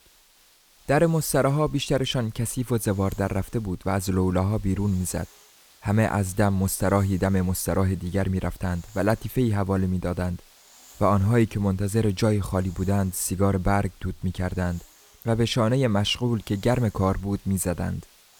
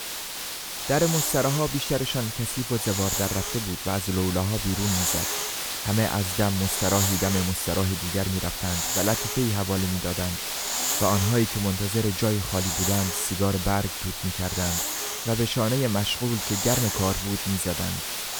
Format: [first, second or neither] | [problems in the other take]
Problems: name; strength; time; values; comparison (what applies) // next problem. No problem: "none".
first | hiss; loud; throughout; 1 dB below the speech; faint in the first